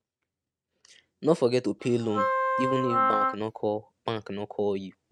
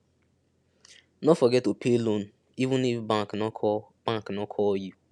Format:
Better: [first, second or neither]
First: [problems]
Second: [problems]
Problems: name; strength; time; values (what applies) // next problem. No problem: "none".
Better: second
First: noise reduction (neural mask model RNNoise)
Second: none